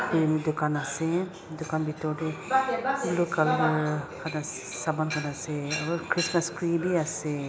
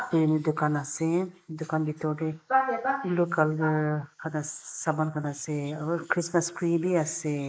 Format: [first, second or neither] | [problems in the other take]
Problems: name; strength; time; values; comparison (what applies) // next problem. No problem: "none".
first | noise reduction (neural mask model Resemble Enhance denoiser)